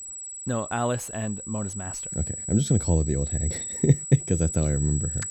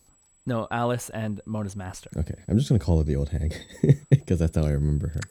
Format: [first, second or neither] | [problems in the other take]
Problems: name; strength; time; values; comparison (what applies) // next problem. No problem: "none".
second | high-pitched whine; loud; throughout; 8 kHz, 6 dB below the speech; faint in the second